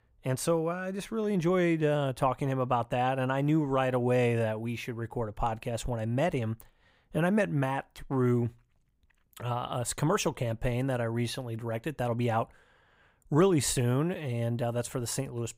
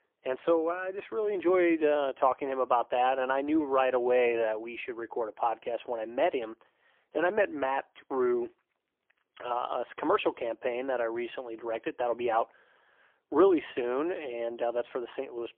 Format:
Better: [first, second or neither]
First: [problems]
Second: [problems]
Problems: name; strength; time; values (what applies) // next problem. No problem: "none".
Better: first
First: none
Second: phone-call audio; poor line; nothing above 3 kHz